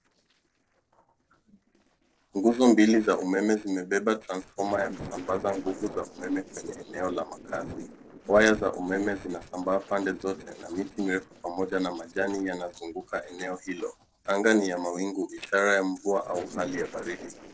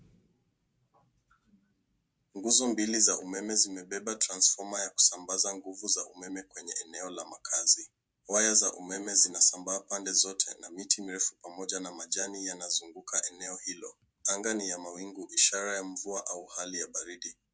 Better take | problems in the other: second | noise reduction (neural separator model SepFormer DNS4)

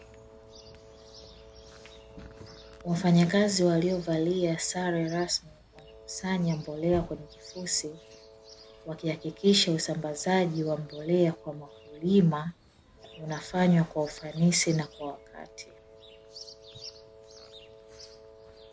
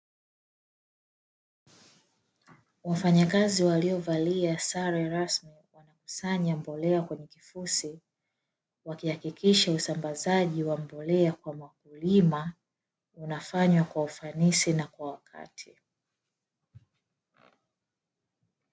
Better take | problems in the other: second | background sound (Chirp, tweet + Wind instrument, woodwind instrument); 19 dB below the speech

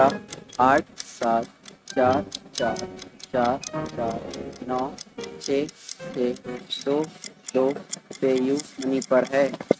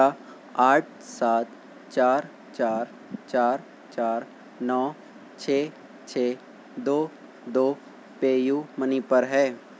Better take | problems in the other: second | noise reduction (neural mask model RNNoise)

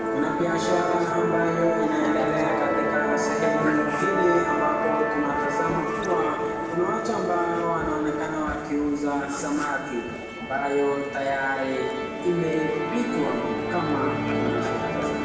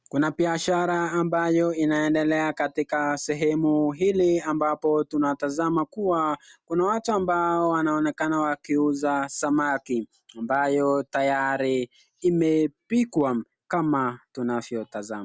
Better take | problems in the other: second | background sound (Musical instrument); as loud as the speech // room echo; dies away in 1.1 s

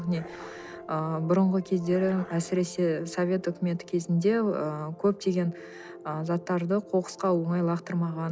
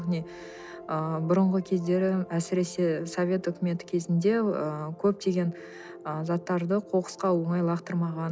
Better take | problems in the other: second | background sound (Dog); 19 dB below the speech

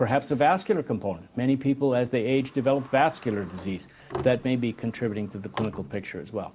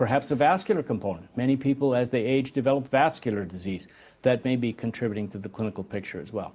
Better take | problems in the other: second | background sound (Sliding door); 17 dB below the speech

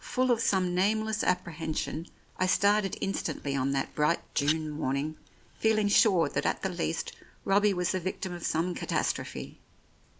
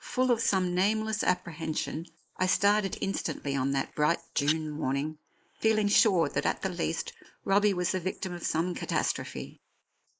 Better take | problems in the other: first | noise reduction (neural mask model Resemble Enhance denoiser)

